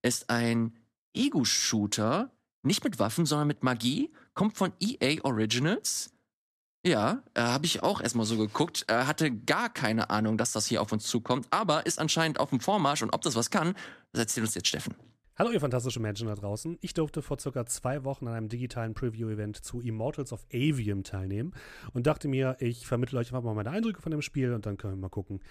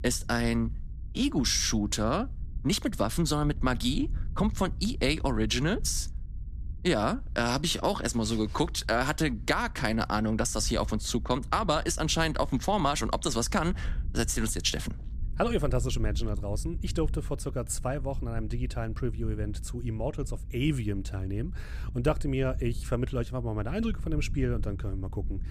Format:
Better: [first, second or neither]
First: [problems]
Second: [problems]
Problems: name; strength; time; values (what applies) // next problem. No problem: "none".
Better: first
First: none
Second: low rumble; faint; throughout; 25 dB below the speech